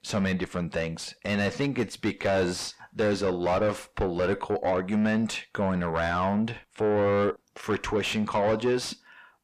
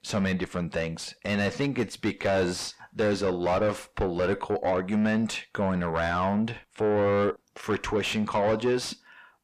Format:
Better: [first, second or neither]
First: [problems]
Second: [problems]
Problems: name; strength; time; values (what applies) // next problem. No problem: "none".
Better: neither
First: distortion; heavy; 6 dB below the speech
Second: distortion; heavy; 6 dB below the speech